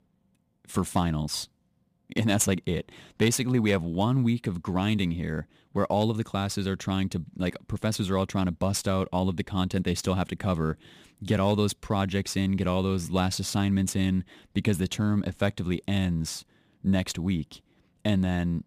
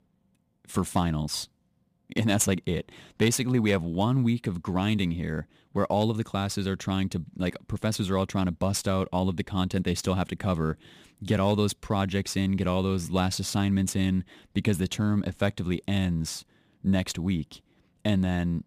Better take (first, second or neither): neither